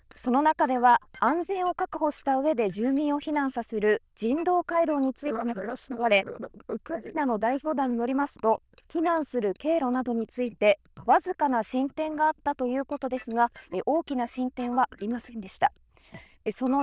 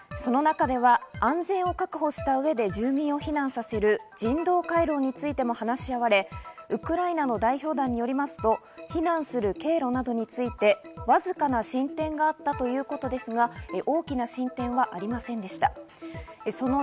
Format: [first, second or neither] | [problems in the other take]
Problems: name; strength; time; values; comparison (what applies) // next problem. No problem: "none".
second | noise reduction (neural diffusion model UNIVERSE++)